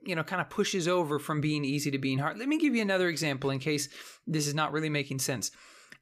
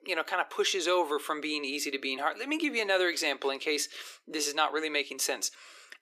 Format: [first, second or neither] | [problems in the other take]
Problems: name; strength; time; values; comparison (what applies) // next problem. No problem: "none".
first | thin; somewhat; fading below 350 Hz